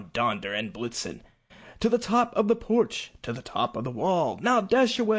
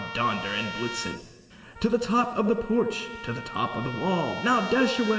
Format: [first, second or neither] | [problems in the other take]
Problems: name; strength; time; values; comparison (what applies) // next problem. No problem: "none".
first | background sound (Trumpet); 11 dB below the speech // room echo; dies away in 3 s